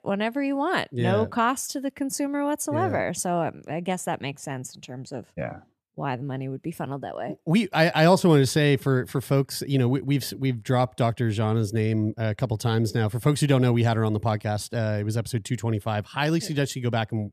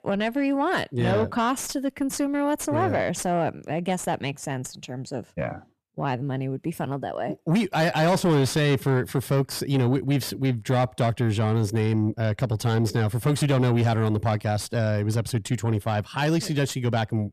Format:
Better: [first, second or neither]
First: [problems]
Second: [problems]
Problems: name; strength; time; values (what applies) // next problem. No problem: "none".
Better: first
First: none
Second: distortion; slight; 10 dB below the speech